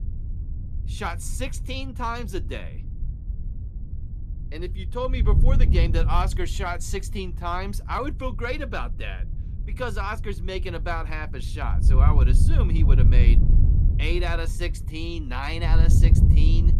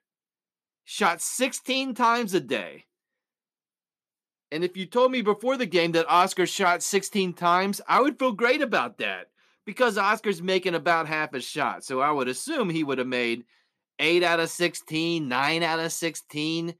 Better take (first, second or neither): second